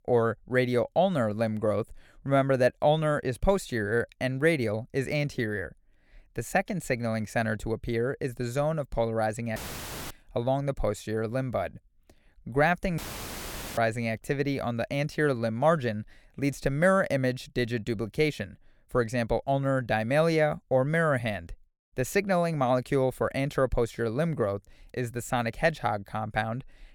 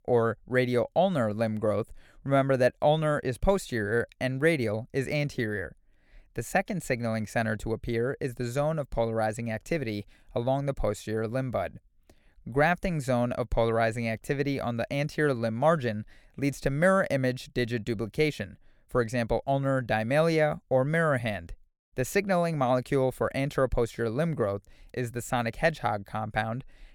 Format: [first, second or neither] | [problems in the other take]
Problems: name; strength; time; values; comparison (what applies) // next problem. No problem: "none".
second | audio cutting out; filled with static; at 9.5 s for 0.5 s and at 13 s for 1 s